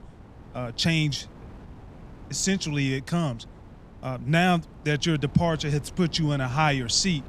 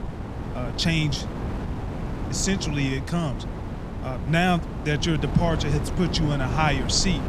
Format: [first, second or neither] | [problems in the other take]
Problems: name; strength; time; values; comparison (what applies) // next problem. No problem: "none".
first | wind noise on the microphone; heavy; 9 dB below the speech; occasional gusts in the first